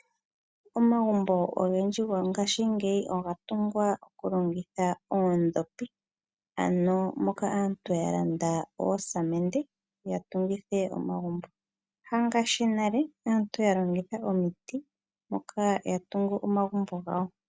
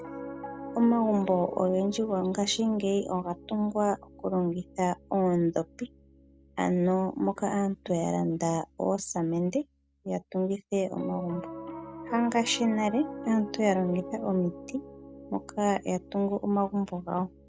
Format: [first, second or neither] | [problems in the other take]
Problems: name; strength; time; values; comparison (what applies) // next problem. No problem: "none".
first | background sound (Piano); 15 dB below the speech